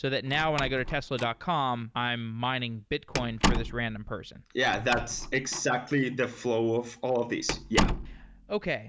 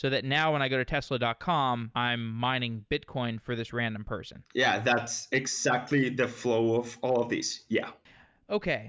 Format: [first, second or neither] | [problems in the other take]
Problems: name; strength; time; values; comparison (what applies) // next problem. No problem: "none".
second | background sound (Slam); 5 dB below the speech